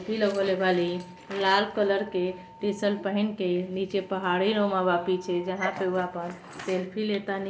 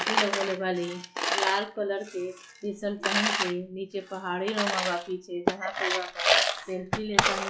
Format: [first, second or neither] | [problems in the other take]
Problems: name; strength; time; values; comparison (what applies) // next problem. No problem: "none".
first | noise reduction (classical method log-MMSE)